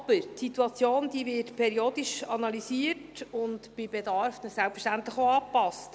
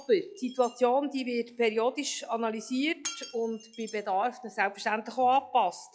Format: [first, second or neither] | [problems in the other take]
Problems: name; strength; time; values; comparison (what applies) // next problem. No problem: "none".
first | noise reduction (classical method log-MMSE)